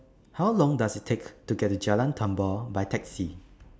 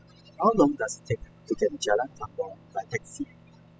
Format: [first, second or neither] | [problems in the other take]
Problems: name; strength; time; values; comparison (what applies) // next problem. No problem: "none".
first | noise reduction (classical method spectral subtraction)